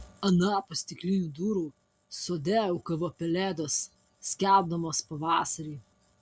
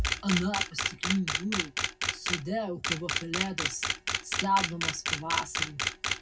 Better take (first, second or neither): first